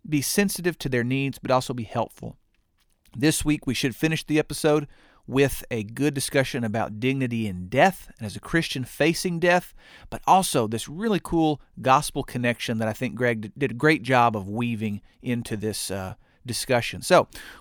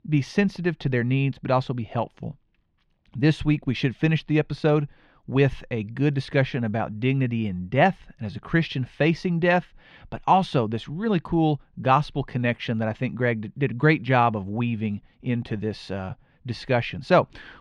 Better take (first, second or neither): first